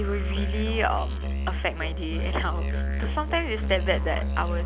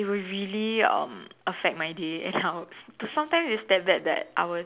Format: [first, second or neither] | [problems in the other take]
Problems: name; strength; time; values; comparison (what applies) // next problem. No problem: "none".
second | background sound (Musical instrument); 2 dB above the speech